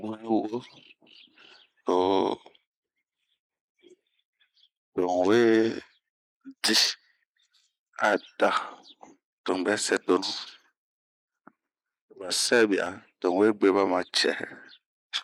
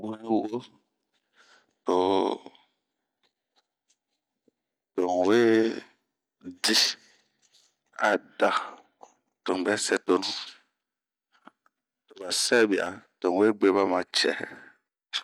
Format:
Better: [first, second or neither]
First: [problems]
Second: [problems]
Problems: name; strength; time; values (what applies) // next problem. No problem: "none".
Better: second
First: noise reduction (neural mask model Resemble Enhance denoiser)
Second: none